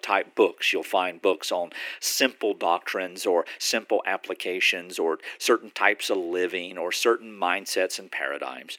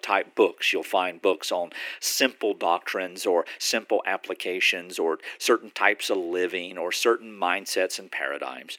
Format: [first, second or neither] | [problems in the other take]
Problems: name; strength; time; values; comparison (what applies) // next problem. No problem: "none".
neither | thin; very; fading below 300 Hz; the same in both